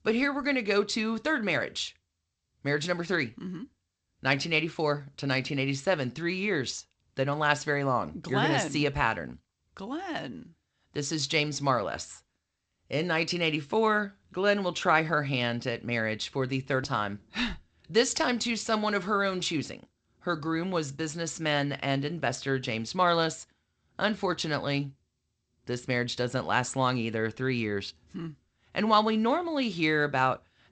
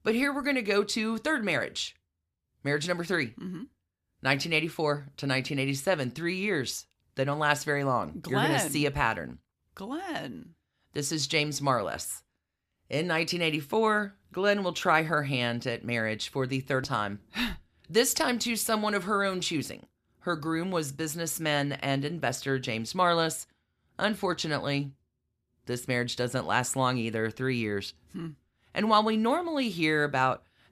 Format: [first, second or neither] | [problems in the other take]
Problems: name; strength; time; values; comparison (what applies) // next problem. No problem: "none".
second | garbled, watery; slightly; nothing above 8 kHz